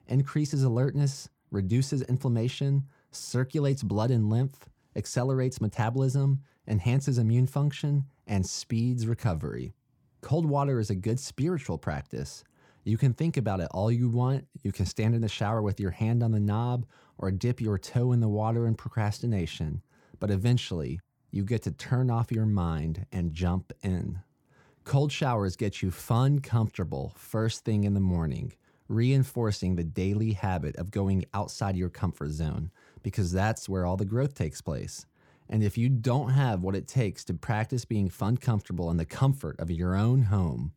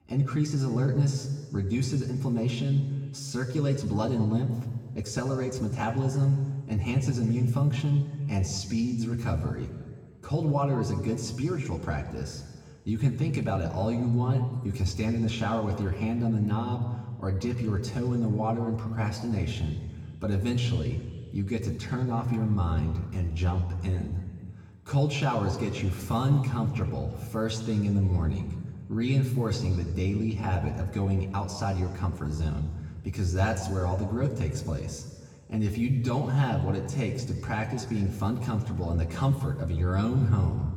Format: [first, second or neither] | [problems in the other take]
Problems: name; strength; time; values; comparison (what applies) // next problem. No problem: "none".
first | room echo; slight; dies away in 1.5 s // off-mic speech; somewhat distant